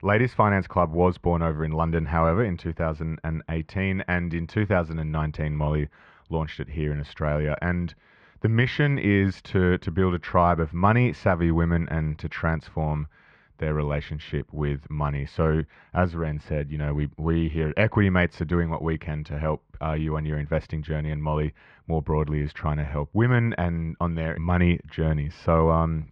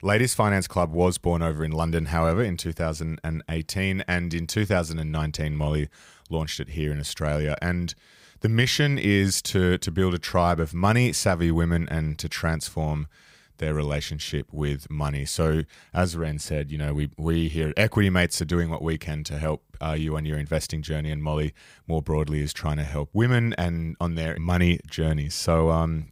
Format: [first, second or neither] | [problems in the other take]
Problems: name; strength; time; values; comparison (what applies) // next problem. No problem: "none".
second | muffled; very; fading above 2.5 kHz